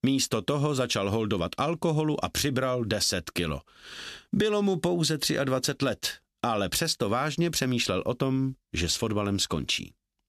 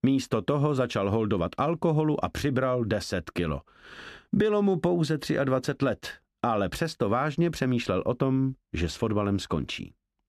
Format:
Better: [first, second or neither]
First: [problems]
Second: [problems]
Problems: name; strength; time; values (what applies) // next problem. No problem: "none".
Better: first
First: none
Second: muffled; slightly; fading above 3 kHz